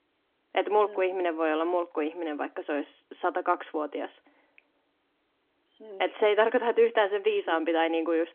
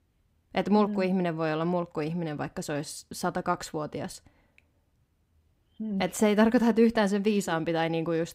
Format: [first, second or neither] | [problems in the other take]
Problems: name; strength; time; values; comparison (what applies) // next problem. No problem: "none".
second | phone-call audio; nothing above 3.5 kHz